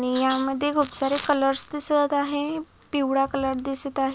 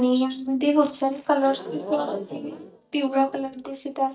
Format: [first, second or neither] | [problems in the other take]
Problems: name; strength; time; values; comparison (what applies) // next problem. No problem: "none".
first | noise reduction (neural mask model DeepFilterNet 3)